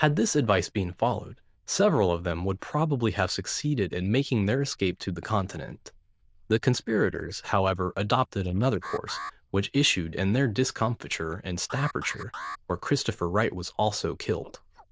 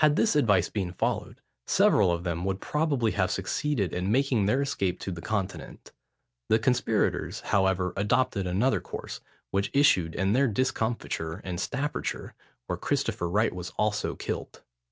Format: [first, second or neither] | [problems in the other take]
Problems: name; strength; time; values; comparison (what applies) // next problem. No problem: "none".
second | noise reduction (neural diffusion model UNIVERSE++)